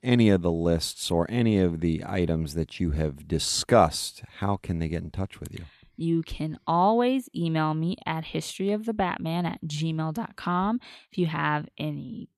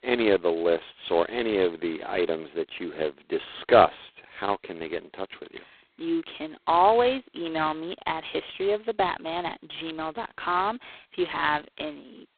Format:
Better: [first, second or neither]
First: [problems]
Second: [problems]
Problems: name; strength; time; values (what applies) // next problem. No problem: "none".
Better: first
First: none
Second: phone-call audio; poor line; nothing above 4 kHz